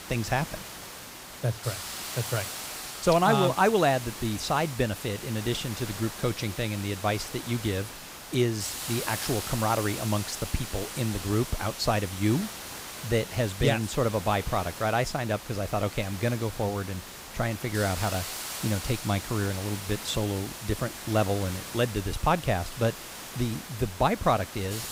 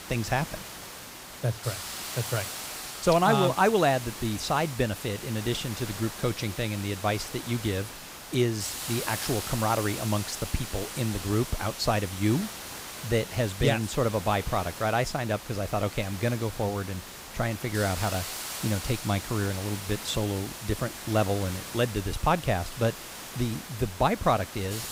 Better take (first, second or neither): neither